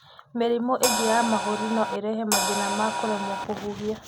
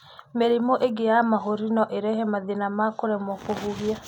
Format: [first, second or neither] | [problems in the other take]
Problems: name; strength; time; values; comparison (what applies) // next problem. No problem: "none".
second | background sound (Crash cymbal); as loud as the speech